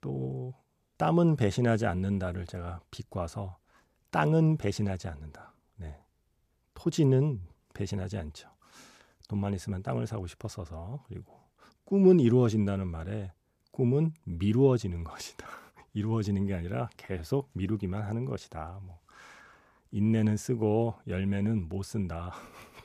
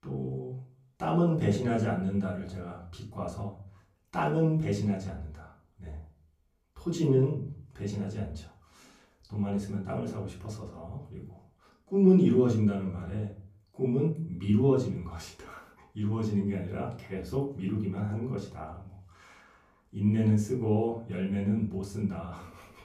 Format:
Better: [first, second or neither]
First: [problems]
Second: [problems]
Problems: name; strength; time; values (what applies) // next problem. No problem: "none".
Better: first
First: none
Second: off-mic speech; far // room echo; slight; dies away in 0.4 s